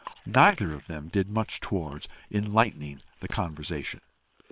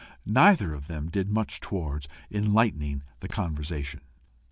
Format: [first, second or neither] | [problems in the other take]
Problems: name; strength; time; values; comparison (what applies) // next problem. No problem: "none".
second | noise reduction (neural separator model SepFormer WHAM!)